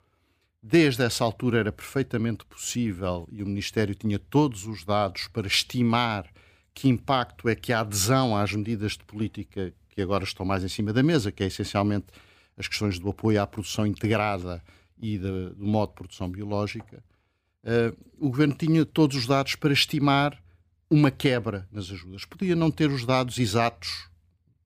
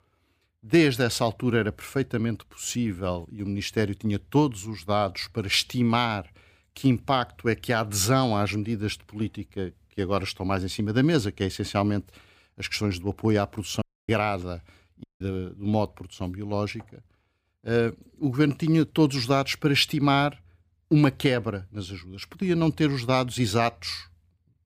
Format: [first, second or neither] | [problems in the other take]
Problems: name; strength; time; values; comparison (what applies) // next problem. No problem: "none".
first | audio cutting out; at 14 s and at 15 s